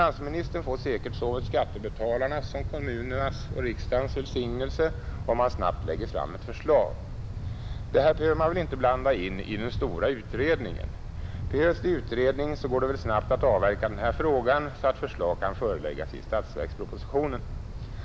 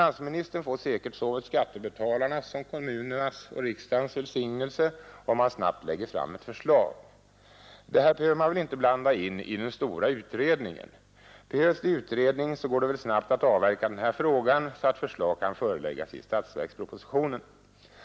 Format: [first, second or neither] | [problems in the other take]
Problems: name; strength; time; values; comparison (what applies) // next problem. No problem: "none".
second | background sound (Wind); 7 dB below the speech